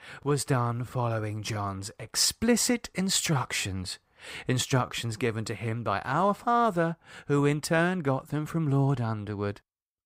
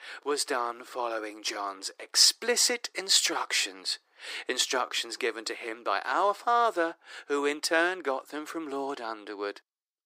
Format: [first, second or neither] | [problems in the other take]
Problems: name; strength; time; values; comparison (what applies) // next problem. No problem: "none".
first | thin; very; fading below 350 Hz